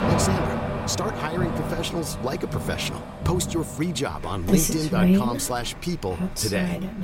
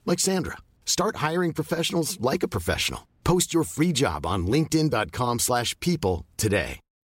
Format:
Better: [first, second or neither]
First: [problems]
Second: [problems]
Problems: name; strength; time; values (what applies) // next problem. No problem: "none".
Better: second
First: rain or running water; very loud; throughout; 2 dB above the speech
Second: none